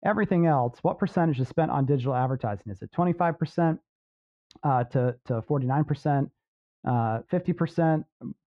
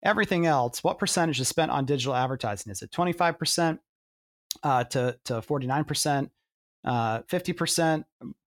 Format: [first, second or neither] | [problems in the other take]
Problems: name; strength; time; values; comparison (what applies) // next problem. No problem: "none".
second | muffled; very; fading above 1.5 kHz